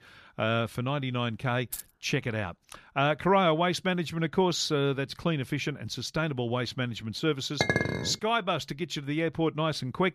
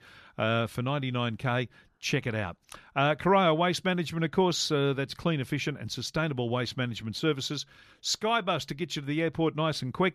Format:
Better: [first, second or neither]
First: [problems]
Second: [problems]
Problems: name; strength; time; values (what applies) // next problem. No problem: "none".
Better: second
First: jangling keys; noticeable; at 1.5 s; peak 10 dB below the speech // clattering dishes; loud; at 7.5 s; peak 2 dB above the speech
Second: none